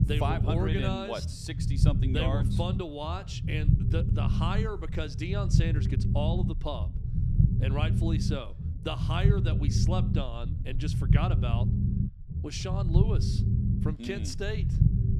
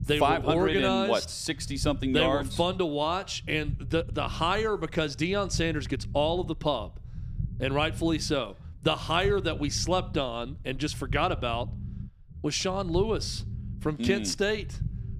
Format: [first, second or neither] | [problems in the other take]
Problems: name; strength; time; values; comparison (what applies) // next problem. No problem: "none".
second | low rumble; loud; throughout; 4 dB below the speech; faint in the second